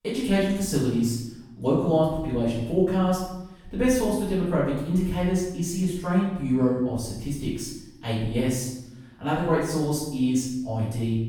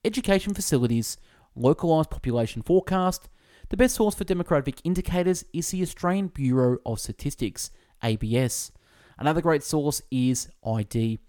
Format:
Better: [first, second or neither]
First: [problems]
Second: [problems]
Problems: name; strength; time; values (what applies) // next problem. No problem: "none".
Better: second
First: off-mic speech; far // room echo; noticeable; dies away in 0.8 s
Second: none